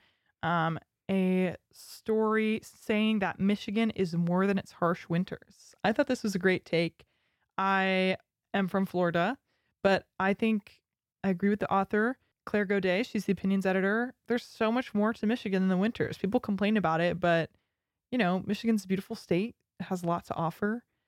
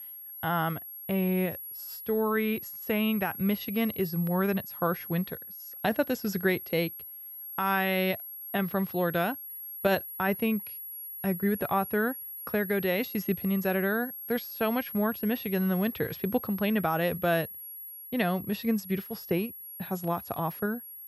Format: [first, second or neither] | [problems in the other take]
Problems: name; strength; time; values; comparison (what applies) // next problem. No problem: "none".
first | high-pitched whine; loud; throughout; 11.5 kHz, 9 dB below the speech